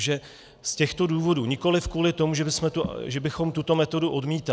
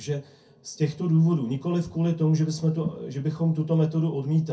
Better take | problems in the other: first | room echo; dies away in 0.3 s

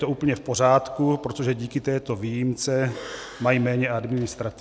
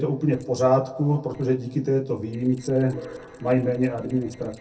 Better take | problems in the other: first | noise reduction (neural separator model SepFormer DNS4)

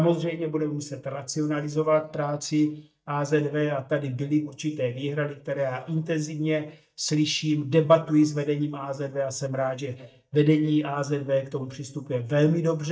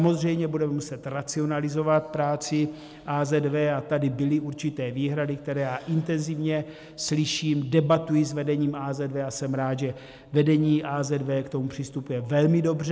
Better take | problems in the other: second | noise reduction (neural mask model DeepFilterNet 3)

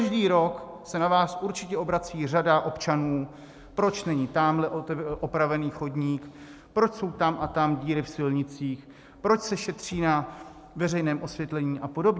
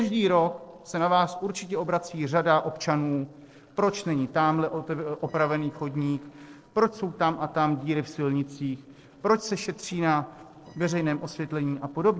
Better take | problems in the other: first | noise reduction (neural separator model SepFormer DNS4)

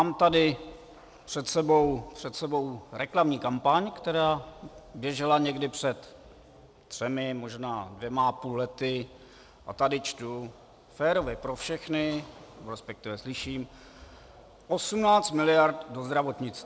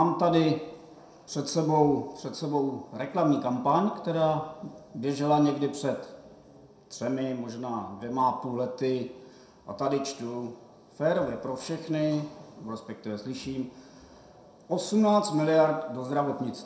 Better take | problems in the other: first | room echo; dies away in 0.5 s

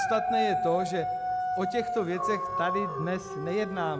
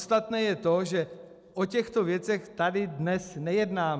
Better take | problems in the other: second | background sound (Dog); as loud as the speech

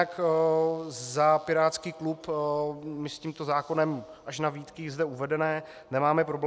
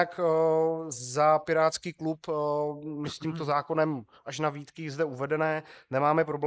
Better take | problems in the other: first | noise reduction (neural mask model Resemble Enhance denoiser)

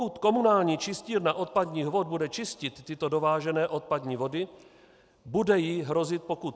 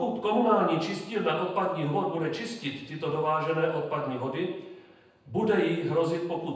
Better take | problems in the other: first | room echo; dies away in 0.9 s

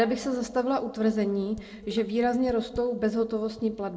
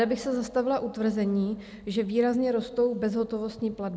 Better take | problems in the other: second | noise reduction (neural separator model SepFormer DNS4)

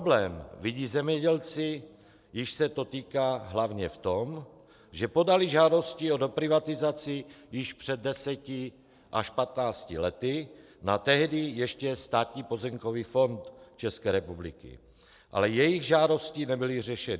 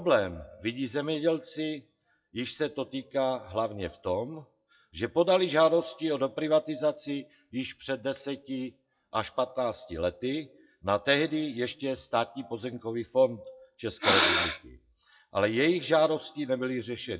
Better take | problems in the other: first | noise reduction (classical method WPE with log-MMSE)

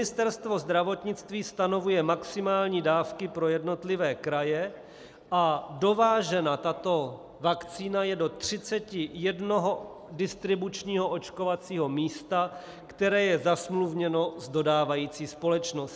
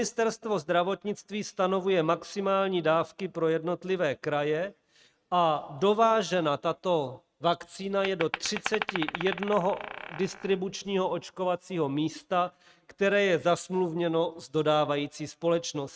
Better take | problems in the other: first | noise reduction (neural mask model RNNoise)

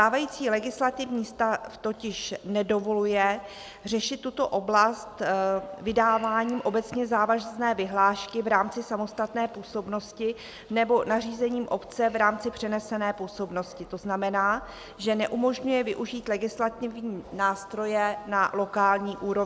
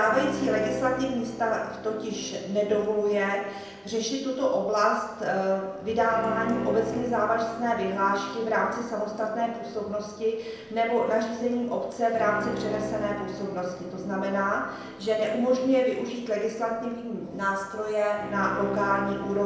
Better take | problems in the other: first | background sound (Bowed string instrument); 11 dB below the speech // room echo; dies away in 0.9 s

